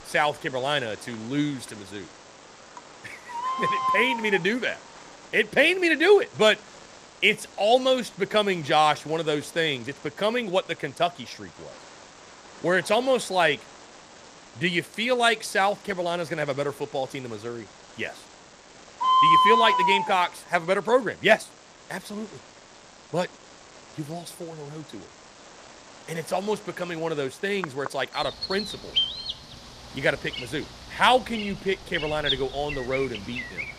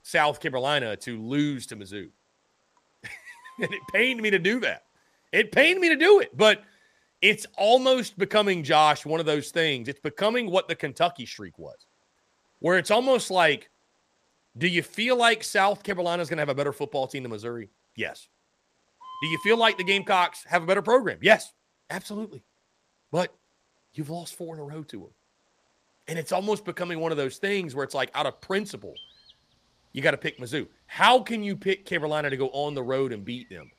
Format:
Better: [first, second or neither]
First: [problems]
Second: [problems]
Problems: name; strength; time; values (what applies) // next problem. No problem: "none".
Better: second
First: animal sounds; loud; throughout; 2 dB below the speech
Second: animal sounds; faint; throughout; 25 dB below the speech